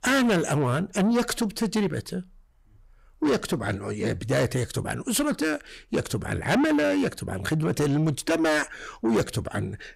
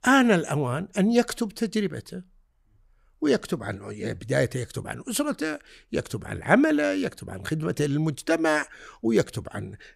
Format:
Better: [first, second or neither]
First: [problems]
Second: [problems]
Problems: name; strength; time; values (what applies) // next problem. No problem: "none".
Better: second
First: distortion; heavy; 6 dB below the speech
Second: none